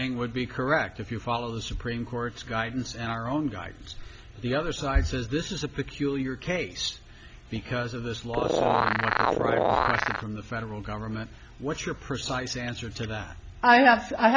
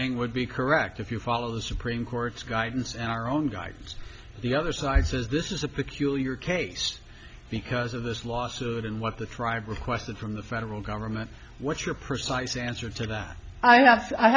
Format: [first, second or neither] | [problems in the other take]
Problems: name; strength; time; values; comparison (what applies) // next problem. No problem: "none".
second | background sound (Animal); 3 dB above the speech